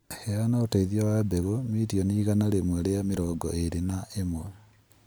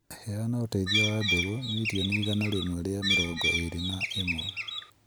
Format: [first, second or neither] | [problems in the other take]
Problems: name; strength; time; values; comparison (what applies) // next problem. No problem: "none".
first | background sound (Bird); 1 dB above the speech